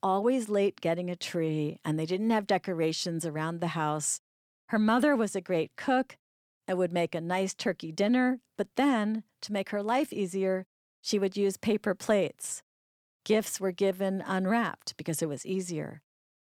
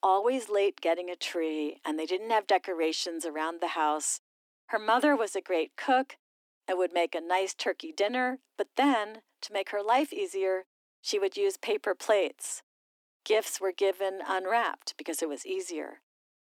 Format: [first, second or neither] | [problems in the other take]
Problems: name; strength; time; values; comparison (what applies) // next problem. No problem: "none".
first | thin; somewhat; fading below 250 Hz